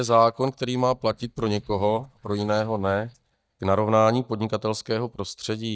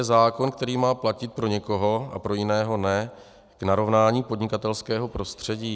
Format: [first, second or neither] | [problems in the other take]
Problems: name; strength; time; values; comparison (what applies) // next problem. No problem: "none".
second | noise reduction (neural mask model DeepFilterNet 3)